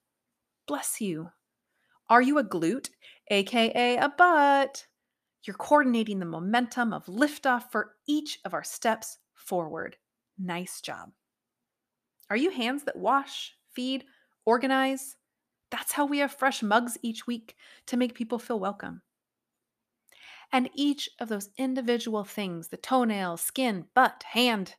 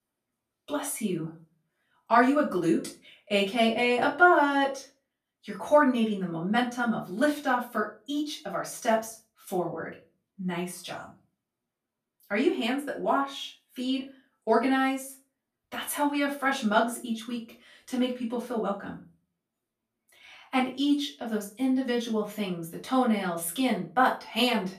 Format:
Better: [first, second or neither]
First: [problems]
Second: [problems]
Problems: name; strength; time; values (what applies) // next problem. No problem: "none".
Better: first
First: none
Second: room echo; slight; dies away in 0.3 s // off-mic speech; far